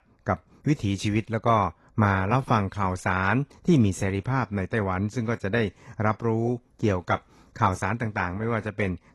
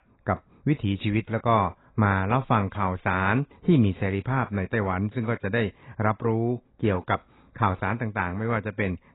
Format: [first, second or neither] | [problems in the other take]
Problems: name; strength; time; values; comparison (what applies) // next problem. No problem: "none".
first | garbled, watery; badly; nothing above 4 kHz; slightly in the first